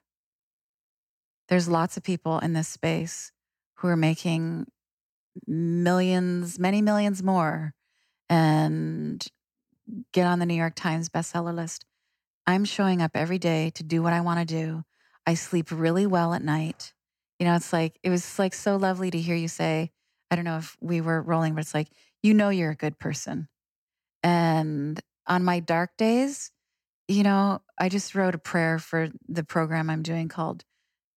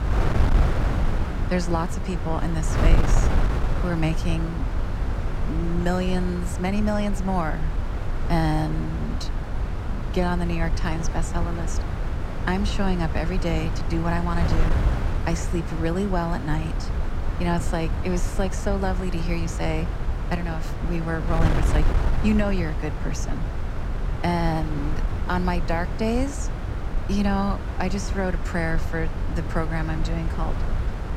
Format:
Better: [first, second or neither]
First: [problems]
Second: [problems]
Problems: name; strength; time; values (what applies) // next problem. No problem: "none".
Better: first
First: none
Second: wind noise on the microphone; heavy; 5 dB below the speech